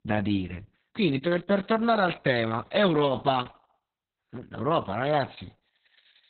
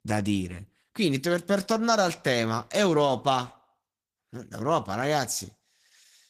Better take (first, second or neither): second